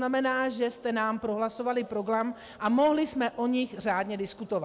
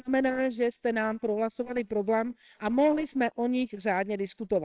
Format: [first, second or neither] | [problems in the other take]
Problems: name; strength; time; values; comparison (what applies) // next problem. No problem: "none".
first | noise reduction (neural separator model SepFormer WHAMR!)